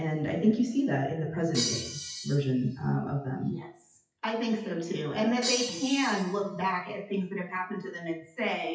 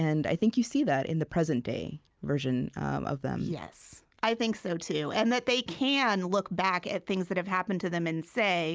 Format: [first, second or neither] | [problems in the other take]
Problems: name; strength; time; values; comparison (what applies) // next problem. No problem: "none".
second | noise reduction (classical method WPE with log-MMSE)